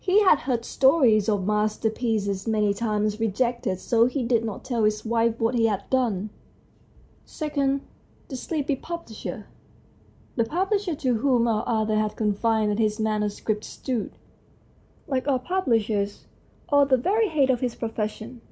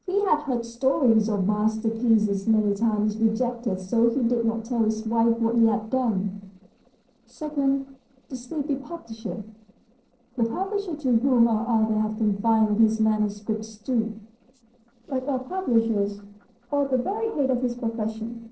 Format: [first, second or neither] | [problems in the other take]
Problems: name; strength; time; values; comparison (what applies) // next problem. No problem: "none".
first | noise reduction (neural separator model SepFormer DNS4)